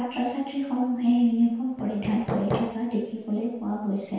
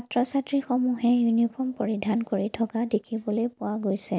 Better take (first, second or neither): second